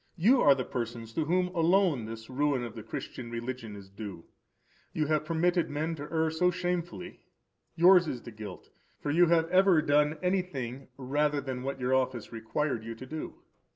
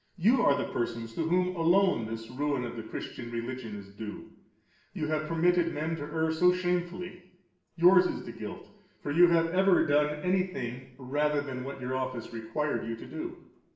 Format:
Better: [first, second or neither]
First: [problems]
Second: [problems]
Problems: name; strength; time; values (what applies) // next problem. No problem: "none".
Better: first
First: none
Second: room echo; dies away in 0.7 s